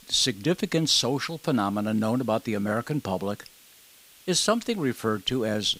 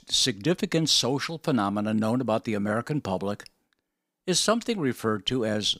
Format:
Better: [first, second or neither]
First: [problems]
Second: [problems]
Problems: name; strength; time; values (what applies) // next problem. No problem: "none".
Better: second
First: hiss; faint; throughout; 25 dB below the speech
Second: none